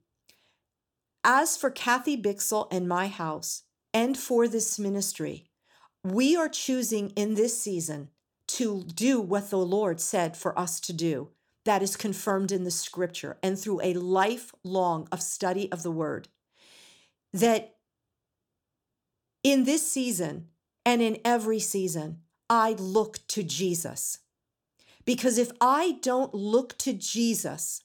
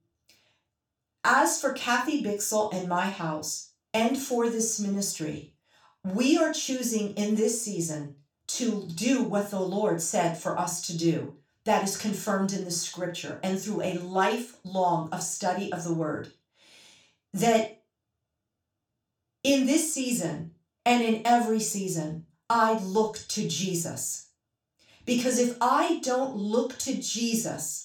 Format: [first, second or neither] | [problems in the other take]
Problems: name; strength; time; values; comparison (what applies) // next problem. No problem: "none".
first | room echo; slight; dies away in 0.3 s // off-mic speech; far